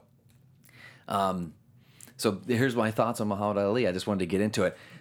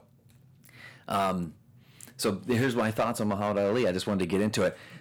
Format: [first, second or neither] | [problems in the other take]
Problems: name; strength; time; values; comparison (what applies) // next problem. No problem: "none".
first | distortion; slight; 4% of the sound clipped